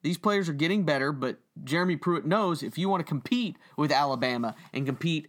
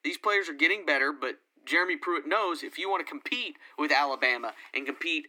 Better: first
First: none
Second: thin; somewhat; fading below 300 Hz

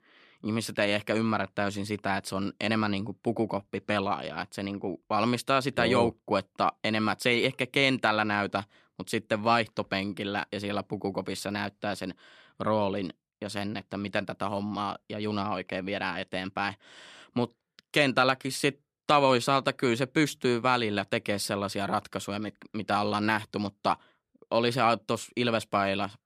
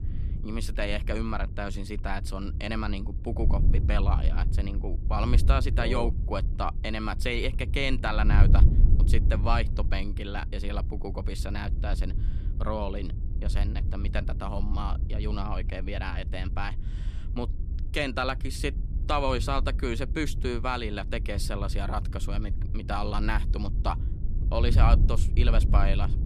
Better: first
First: none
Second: wind noise on the microphone; occasional gusts; 15 dB below the speech

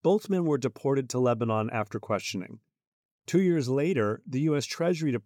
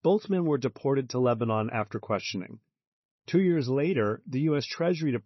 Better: first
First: none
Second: garbled, watery; slightly; nothing above 6 kHz

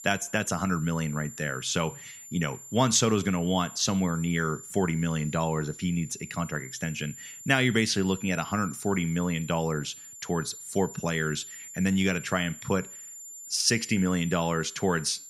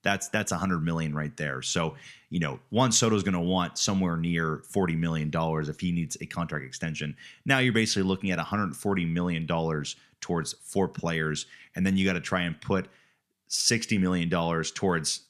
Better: second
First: high-pitched whine; noticeable; throughout; 7 kHz, 15 dB below the speech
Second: none

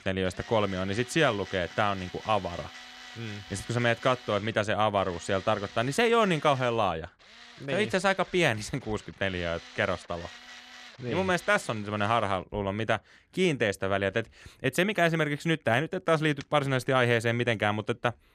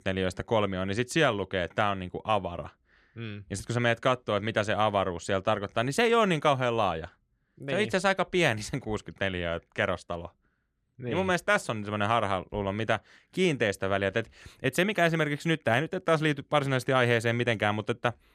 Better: second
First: machinery noise; noticeable; throughout; 20 dB below the speech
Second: none

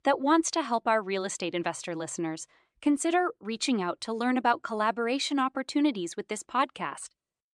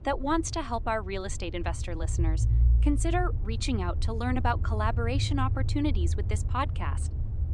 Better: first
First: none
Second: low rumble; noticeable; throughout; 15 dB below the speech

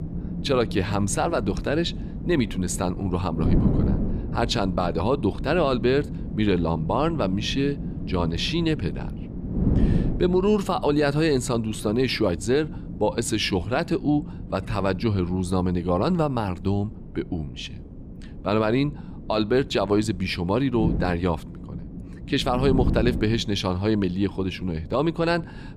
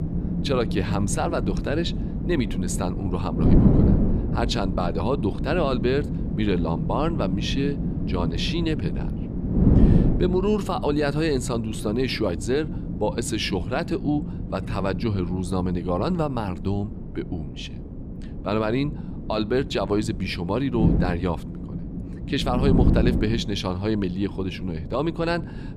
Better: first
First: wind noise on the microphone; occasional gusts; 15 dB below the speech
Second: wind noise on the microphone; heavy; 7 dB below the speech

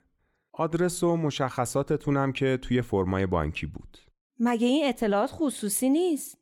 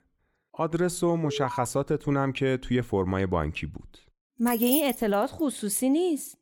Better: first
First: none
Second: alarm; noticeable; at 1 s; peak 8 dB below the speech // jangling keys; noticeable; at 4.5 s; peak 1 dB below the speech

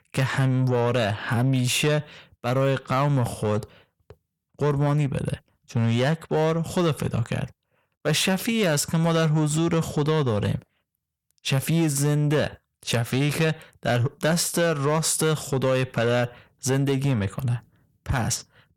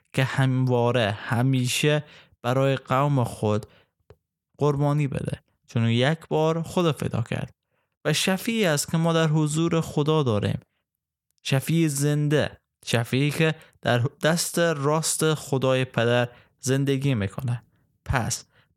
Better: second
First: distortion; slight; 10 dB below the speech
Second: none

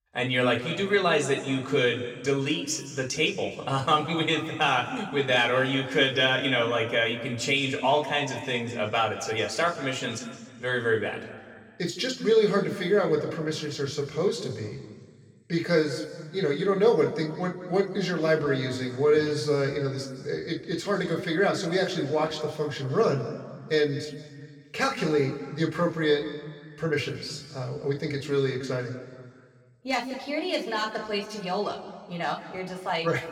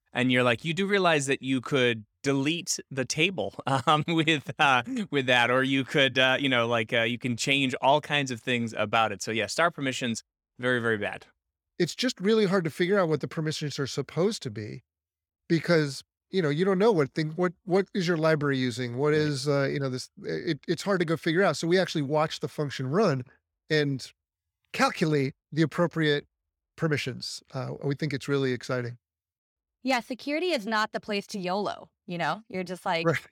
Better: second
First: room echo; slight; dies away in 1.7 s // off-mic speech; somewhat distant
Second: none

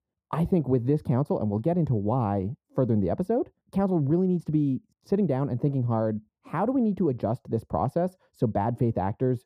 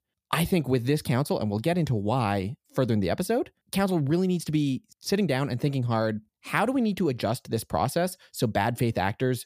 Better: second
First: muffled; very; fading above 1.5 kHz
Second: none

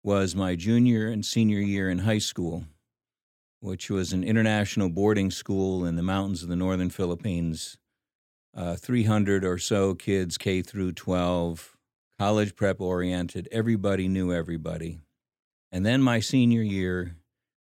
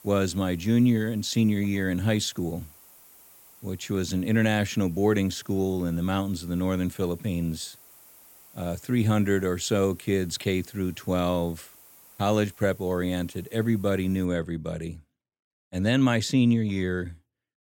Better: first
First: none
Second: hiss; faint; until 14 s; 25 dB below the speech

